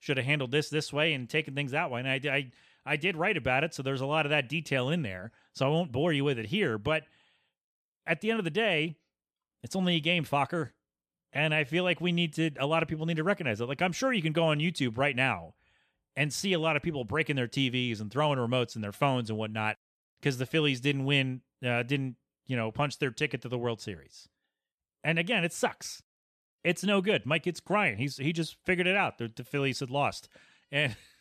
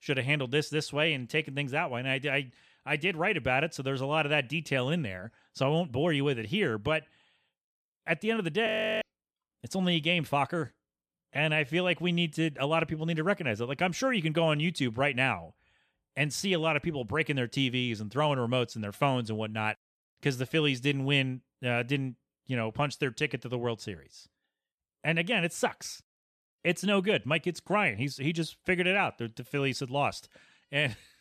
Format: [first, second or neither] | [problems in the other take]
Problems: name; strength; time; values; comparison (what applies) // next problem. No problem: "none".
first | audio freezing; at 8.5 s